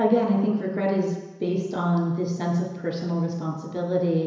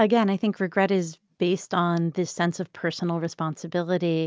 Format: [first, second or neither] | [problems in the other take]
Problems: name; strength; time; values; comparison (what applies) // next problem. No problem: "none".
second | room echo; dies away in 1 s